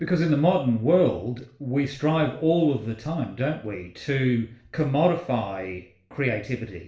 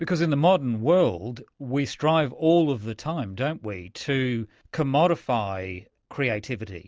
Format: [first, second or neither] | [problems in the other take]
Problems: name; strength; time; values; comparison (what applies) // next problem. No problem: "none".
second | room echo; dies away in 0.5 s